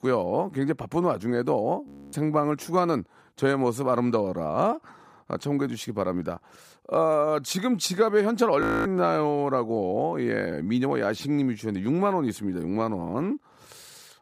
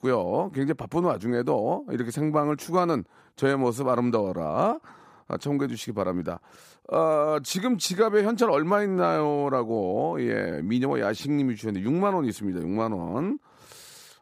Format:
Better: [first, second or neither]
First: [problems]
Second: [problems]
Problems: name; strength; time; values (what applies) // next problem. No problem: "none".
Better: second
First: audio freezing; at 2 s and at 8.5 s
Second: none